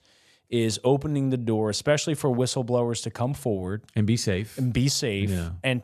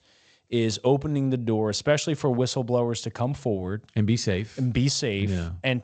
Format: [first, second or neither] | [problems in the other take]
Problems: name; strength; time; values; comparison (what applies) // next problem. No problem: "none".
first | garbled, watery; slightly; nothing above 8 kHz